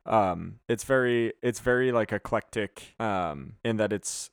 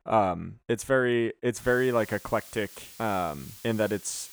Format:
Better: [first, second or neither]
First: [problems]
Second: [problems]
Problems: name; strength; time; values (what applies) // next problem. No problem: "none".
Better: first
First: none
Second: hiss; noticeable; from 1.5 s on; 15 dB below the speech